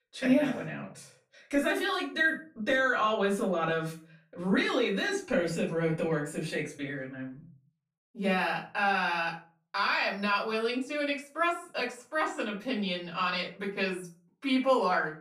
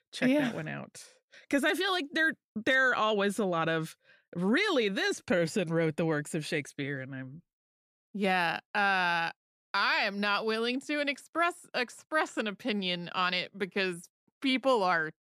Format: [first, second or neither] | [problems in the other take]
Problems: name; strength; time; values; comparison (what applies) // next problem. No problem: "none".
second | off-mic speech; far // room echo; slight; dies away in 0.3 s